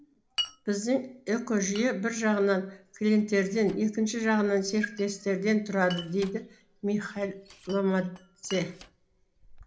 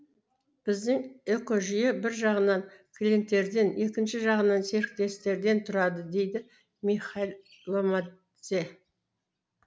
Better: second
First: background sound (Glass); 17 dB below the speech // room echo; dies away in 0.4 s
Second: none

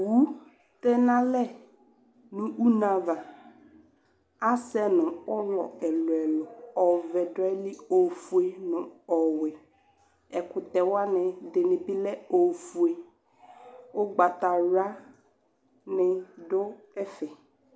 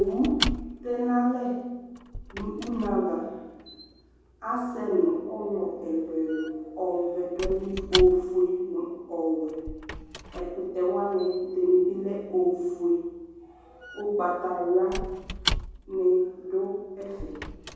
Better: first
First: none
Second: background sound (Squeak / Wood); 10 dB below the speech // room echo; dies away in 1.3 s

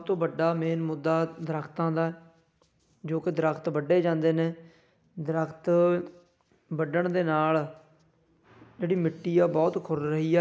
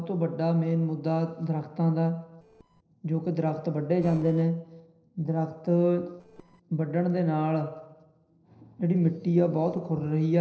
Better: first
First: none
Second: noise reduction (neural separator model SepFormer DNS4)

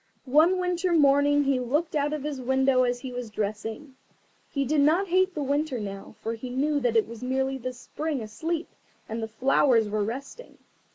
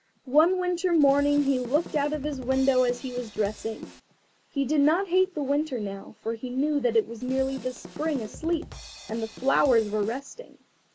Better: first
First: none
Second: background sound (Drum kit); 16 dB below the speech

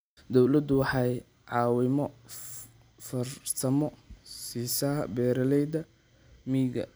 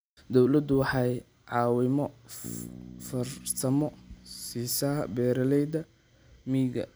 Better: first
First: none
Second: background sound (Bass guitar); 19 dB below the speech

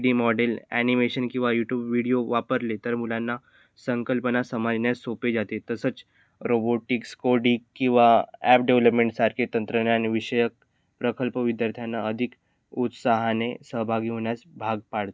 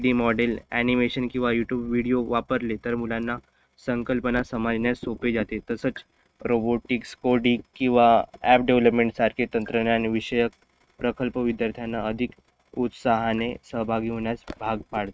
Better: first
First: none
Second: noise reduction (neural mask model RNNoise)

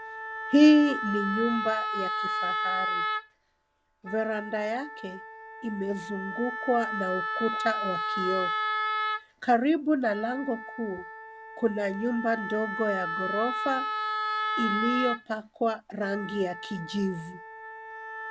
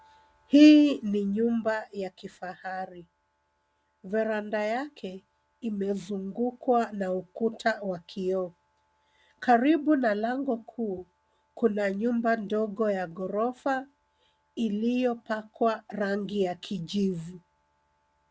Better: second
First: background sound (Wind instrument, woodwind instrument); 4 dB below the speech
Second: none

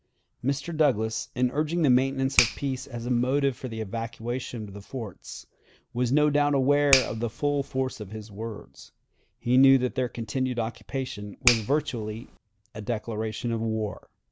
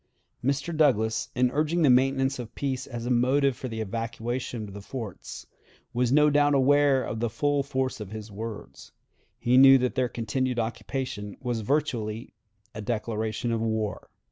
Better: second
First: background sound (Finger snapping); 10 dB below the speech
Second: none

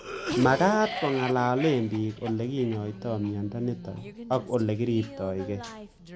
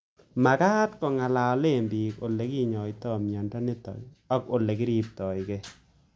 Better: second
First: background sound (Cough); 11 dB below the speech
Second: none

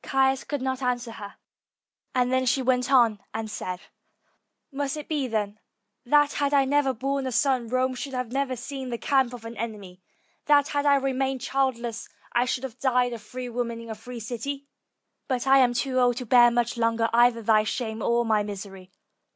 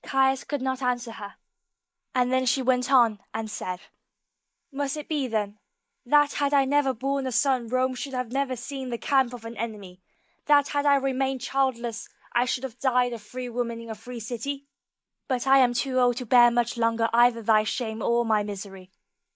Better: first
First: none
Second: noise reduction (neural mask model Resemble Enhance denoiser)

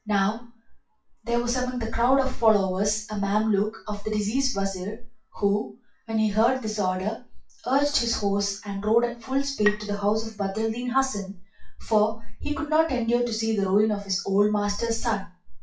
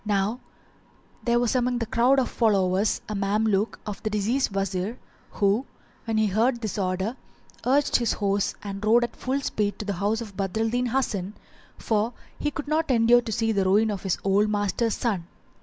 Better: second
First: noise reduction (classical method WPE with log-MMSE)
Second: none

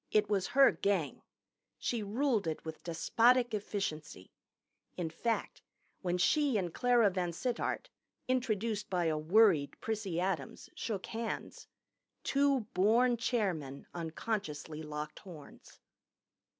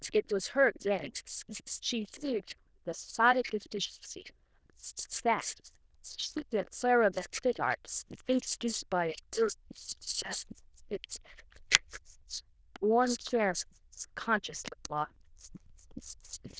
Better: first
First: none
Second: noise reduction (neural diffusion model UNIVERSE++)

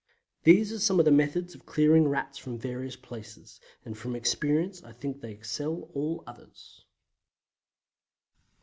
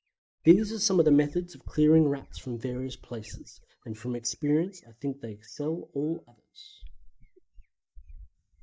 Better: first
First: none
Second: noise reduction (neural mask model DeepFilterNet 3)

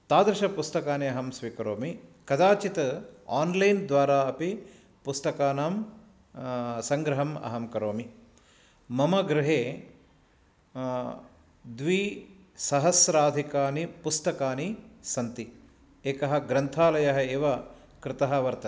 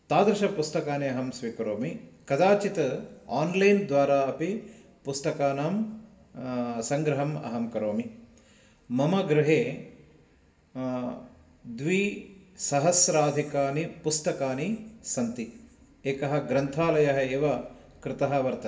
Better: first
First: none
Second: room echo; dies away in 1.6 s

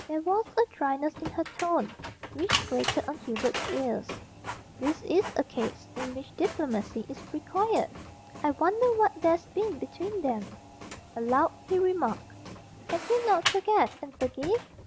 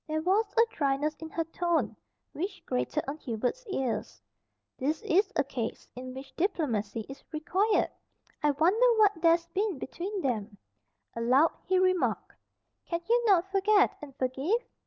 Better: second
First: background sound (Printer); 10 dB below the speech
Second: none

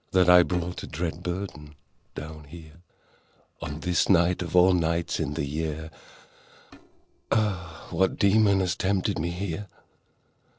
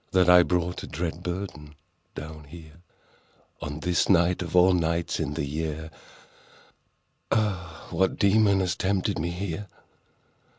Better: second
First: noise reduction (neural separator model SepFormer DNS4)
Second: none

